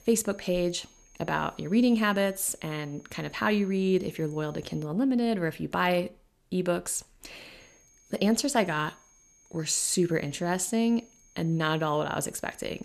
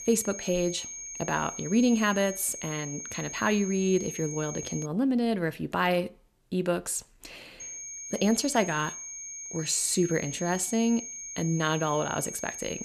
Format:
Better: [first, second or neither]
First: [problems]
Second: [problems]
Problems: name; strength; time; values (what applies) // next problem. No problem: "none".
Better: first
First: high-pitched whine; faint; until 5 s and from 7.5 s on; 6.5 kHz, 30 dB below the speech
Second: high-pitched whine; loud; until 5 s and from 7.5 s on; 6.5 kHz, 9 dB below the speech